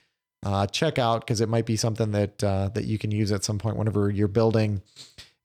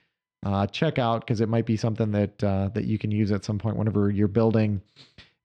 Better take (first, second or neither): first